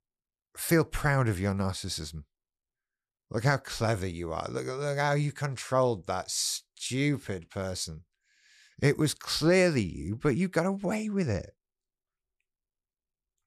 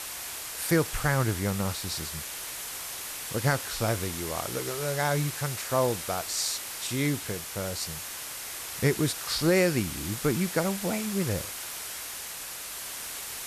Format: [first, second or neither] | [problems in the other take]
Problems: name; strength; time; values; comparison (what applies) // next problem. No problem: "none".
first | hiss; loud; throughout; 5 dB below the speech